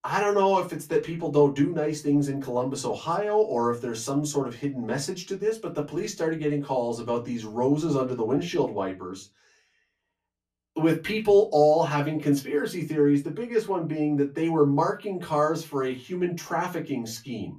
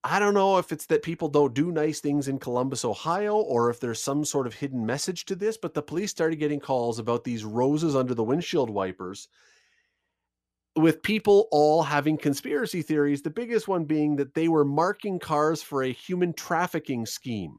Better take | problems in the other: second | off-mic speech; far // room echo; very slight; dies away in 0.2 s

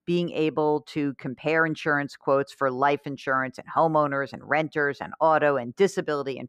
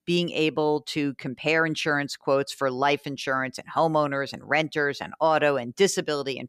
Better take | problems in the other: second | muffled; slightly; fading above 2 kHz

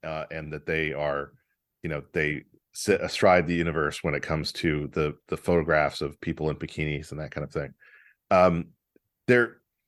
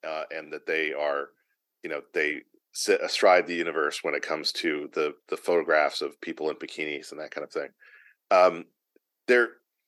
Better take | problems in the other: first | thin; somewhat; fading below 300 Hz

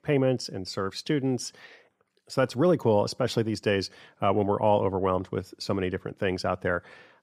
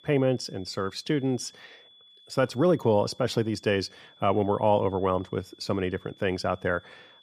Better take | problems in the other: first | high-pitched whine; faint; throughout; 3.5 kHz, 25 dB below the speech

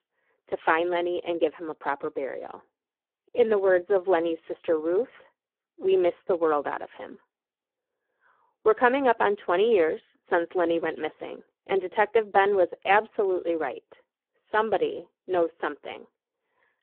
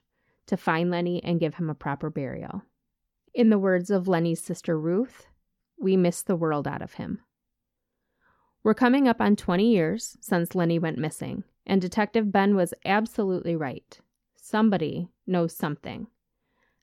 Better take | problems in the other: second | phone-call audio; poor line

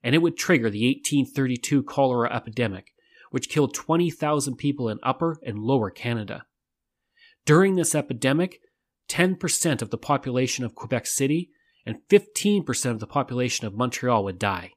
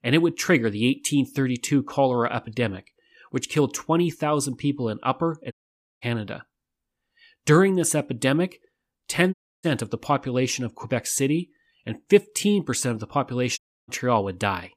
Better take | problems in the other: first | audio cutting out; at 5.5 s, at 9.5 s and at 14 s

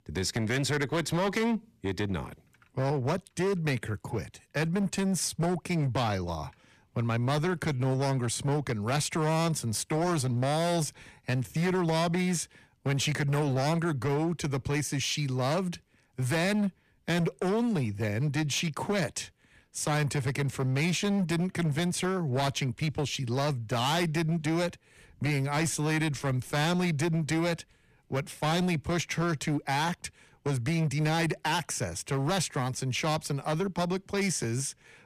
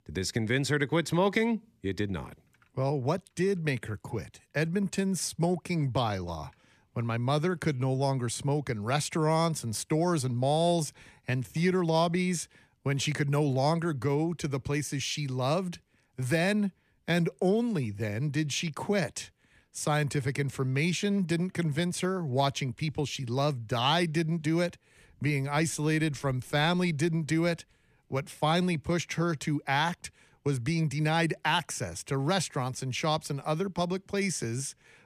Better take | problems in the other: second | distortion; slight; 16% of the sound clipped

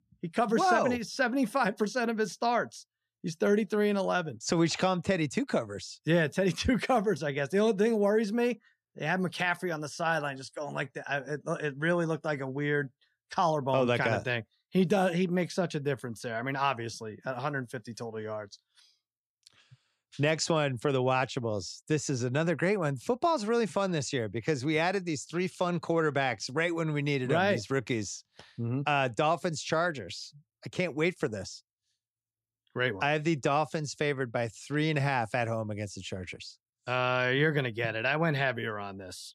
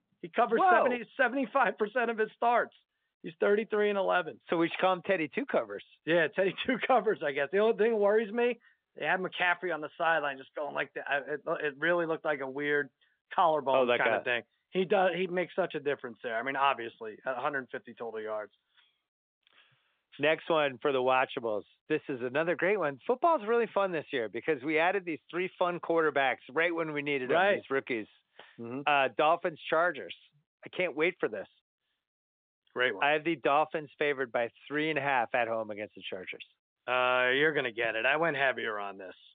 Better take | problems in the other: first | phone-call audio

